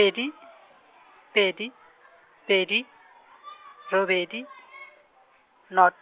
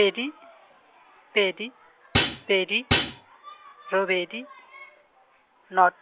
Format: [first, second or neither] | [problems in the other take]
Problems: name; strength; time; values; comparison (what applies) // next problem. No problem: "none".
first | background sound (Hi-hat); 3 dB above the speech